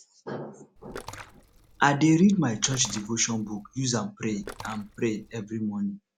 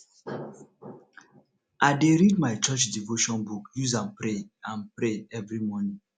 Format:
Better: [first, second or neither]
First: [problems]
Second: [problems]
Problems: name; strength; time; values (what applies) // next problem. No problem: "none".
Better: second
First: background sound (Splash, splatter); 19 dB below the speech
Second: none